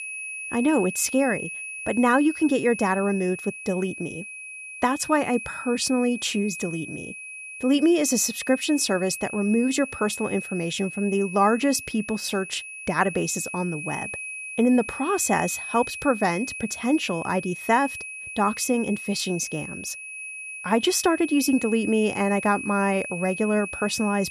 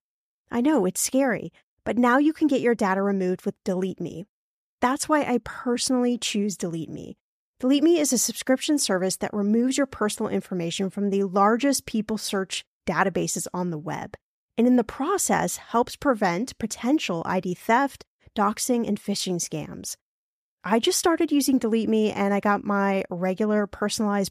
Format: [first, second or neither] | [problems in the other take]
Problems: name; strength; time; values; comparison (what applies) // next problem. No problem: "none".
second | high-pitched whine; loud; throughout; 2.5 kHz, 9 dB below the speech